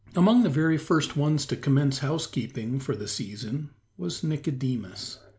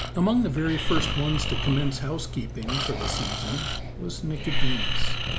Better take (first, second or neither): first